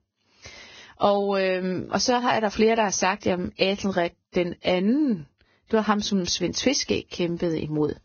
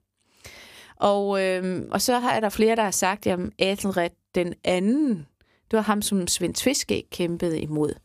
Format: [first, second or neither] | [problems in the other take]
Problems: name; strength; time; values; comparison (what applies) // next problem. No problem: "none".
second | garbled, watery; badly; nothing above 6.5 kHz